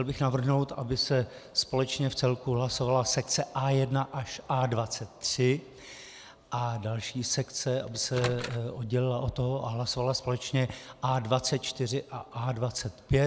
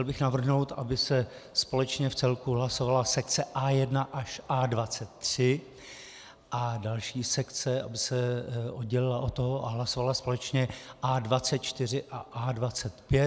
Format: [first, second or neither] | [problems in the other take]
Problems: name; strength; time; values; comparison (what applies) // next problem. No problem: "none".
second | background sound (Microwave oven); 11 dB below the speech